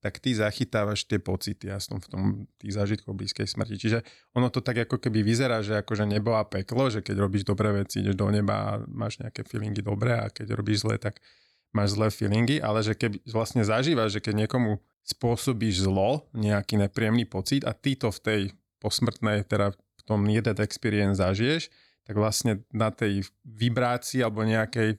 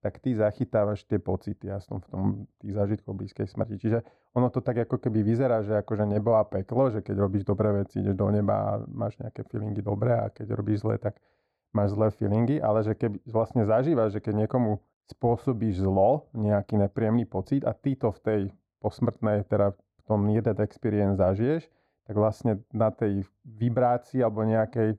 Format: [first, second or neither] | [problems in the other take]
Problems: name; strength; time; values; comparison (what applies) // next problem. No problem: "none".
first | muffled; very; fading above 2 kHz